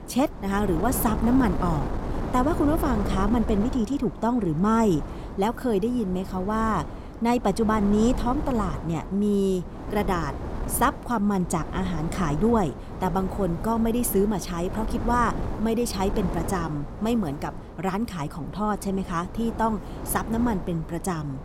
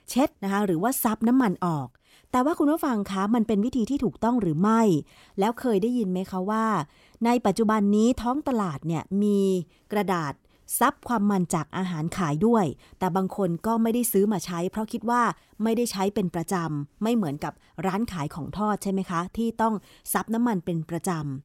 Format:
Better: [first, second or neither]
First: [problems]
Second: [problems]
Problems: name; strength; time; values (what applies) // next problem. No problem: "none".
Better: second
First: wind noise on the microphone; occasional gusts; 10 dB below the speech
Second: none